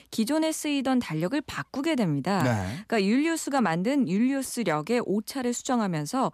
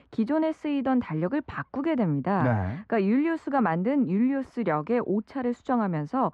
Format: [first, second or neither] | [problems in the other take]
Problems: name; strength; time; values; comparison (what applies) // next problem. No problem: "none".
first | muffled; very; fading above 1.5 kHz